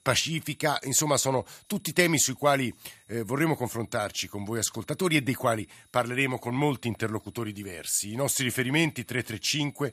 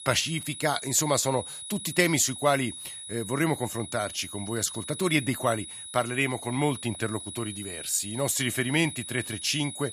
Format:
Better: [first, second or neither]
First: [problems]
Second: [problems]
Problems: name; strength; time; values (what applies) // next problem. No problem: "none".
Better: first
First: high-pitched whine; faint; throughout; 10 kHz, 35 dB below the speech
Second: high-pitched whine; loud; throughout; 10 kHz, 10 dB below the speech